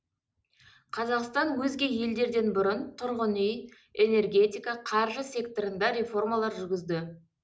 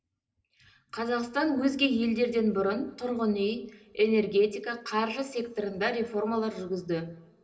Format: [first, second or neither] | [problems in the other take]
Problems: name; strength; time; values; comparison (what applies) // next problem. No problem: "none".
first | room echo; dies away in 1.6 s